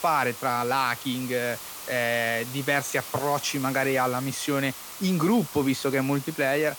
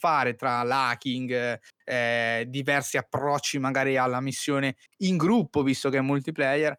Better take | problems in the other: second | hiss; noticeable; throughout; 10 dB below the speech

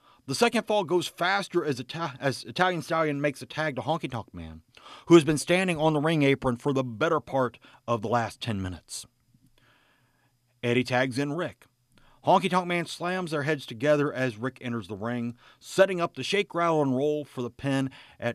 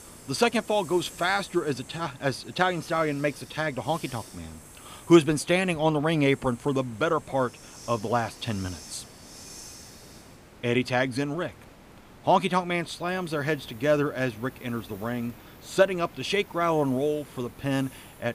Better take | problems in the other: first | hiss; noticeable; throughout; 20 dB below the speech

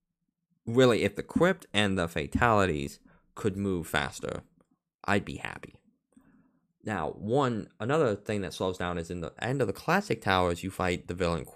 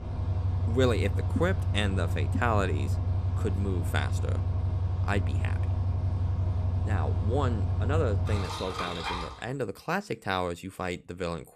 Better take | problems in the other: first | traffic noise; very loud; until 9 s; 3 dB above the speech

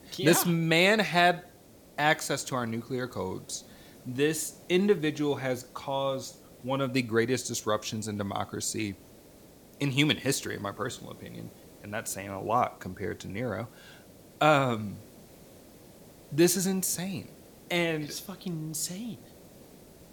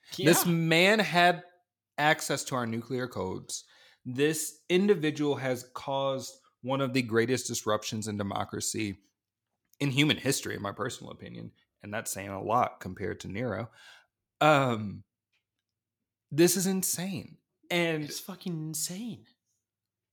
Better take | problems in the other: second | hiss; faint; throughout; 25 dB below the speech

